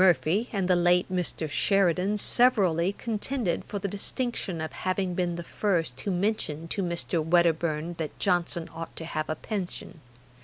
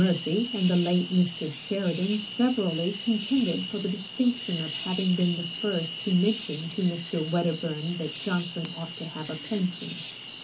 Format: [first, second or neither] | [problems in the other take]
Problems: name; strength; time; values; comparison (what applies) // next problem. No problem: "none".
first | background sound (Cricket / Frog); 10 dB below the speech // room echo; dies away in 0.3 s